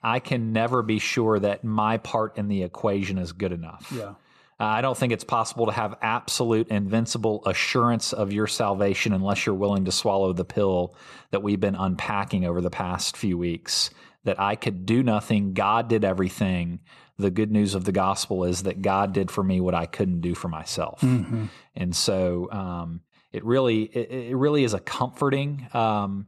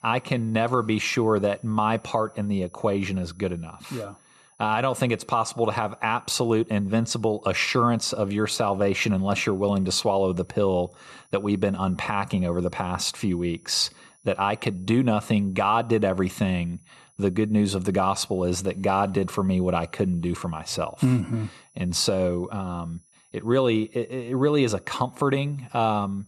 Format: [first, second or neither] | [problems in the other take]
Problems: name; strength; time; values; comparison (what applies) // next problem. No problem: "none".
first | high-pitched whine; faint; throughout; 10 kHz, 35 dB below the speech